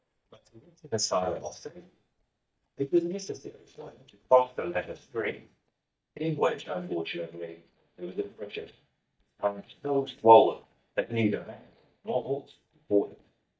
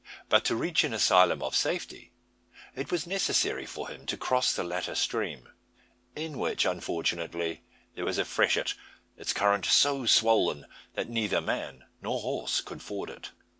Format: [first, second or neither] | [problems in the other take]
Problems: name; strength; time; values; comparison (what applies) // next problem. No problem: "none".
second | noise reduction (neural mask model DeepFilterNet 3)